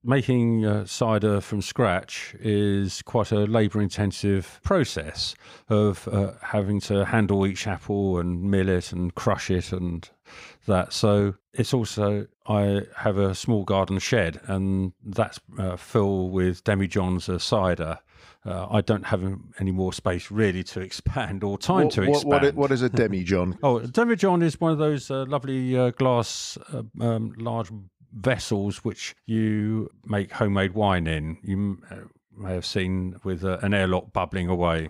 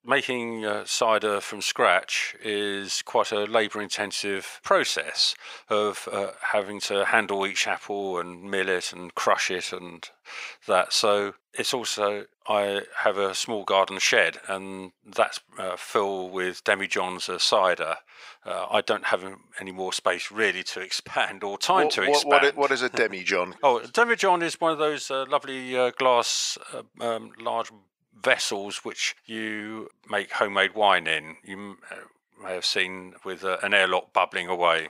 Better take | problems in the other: first | thin; very; fading below 650 Hz

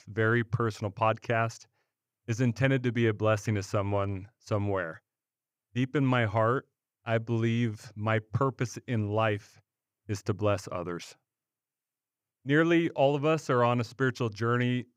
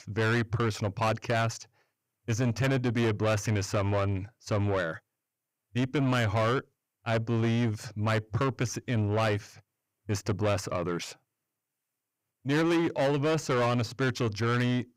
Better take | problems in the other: first | distortion; heavy; 8 dB below the speech

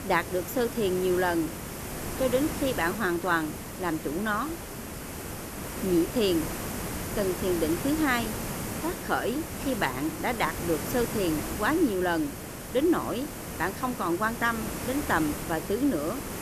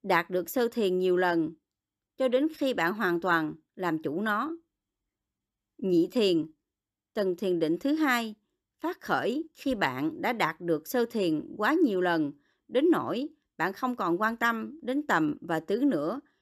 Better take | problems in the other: second | hiss; loud; throughout; 6 dB below the speech

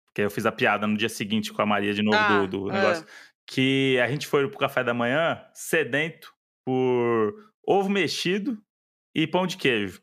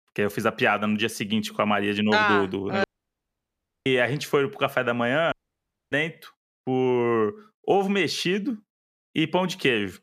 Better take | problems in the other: first | audio cutting out; at 3 s for 1 s and at 5.5 s for 0.5 s

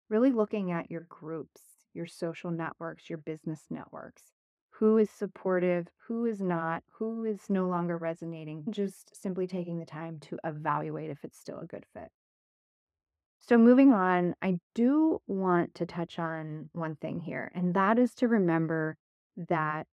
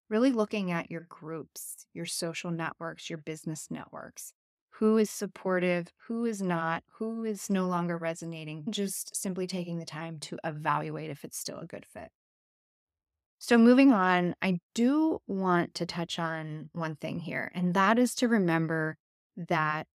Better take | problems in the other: second | muffled; very; fading above 3 kHz

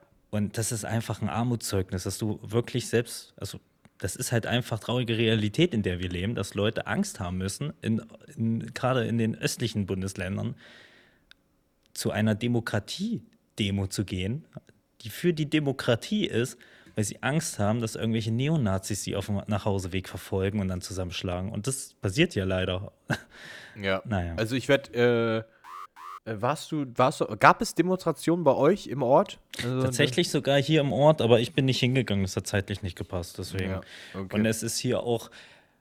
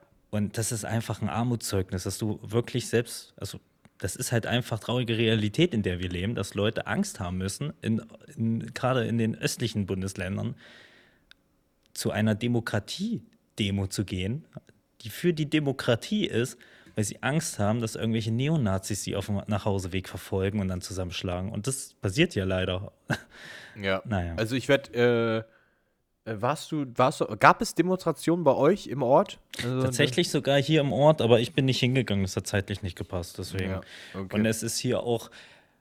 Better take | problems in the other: second | alarm; faint; at 26 s; peak 15 dB below the speech

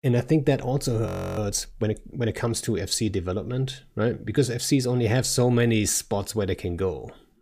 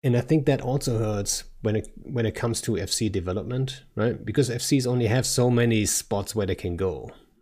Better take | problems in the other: second | audio freezing; at 1 s

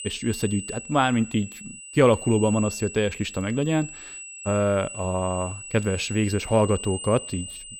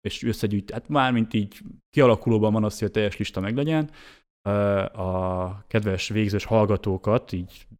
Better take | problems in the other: second | high-pitched whine; noticeable; throughout; 8 kHz, 10 dB below the speech

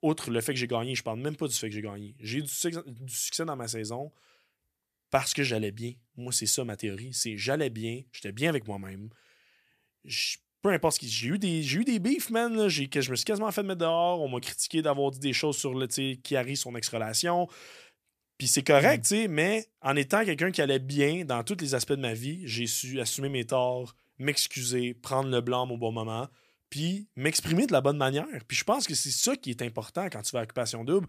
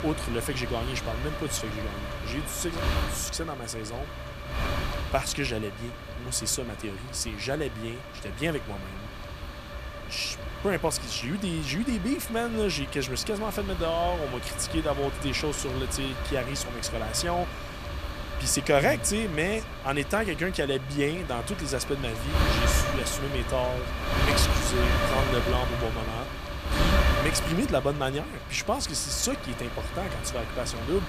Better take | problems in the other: first | wind noise on the microphone; heavy; 3 dB below the speech

